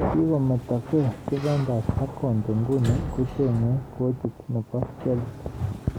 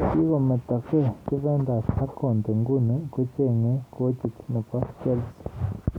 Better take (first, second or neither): second